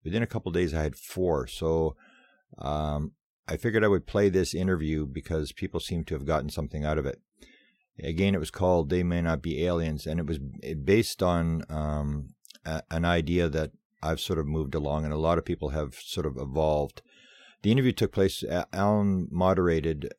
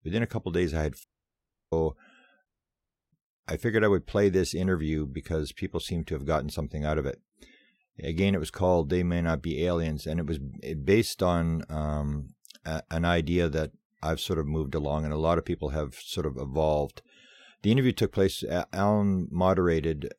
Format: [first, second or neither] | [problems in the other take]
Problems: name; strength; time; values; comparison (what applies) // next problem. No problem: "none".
first | audio cutting out; at 1 s for 0.5 s and at 2.5 s for 0.5 s